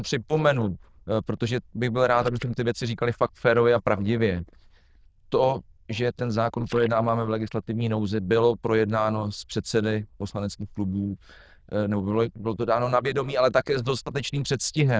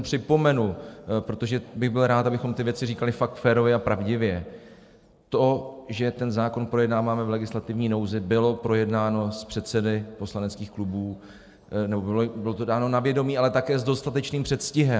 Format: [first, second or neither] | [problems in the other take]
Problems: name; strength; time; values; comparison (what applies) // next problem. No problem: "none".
second | noise reduction (neural diffusion model UNIVERSE++)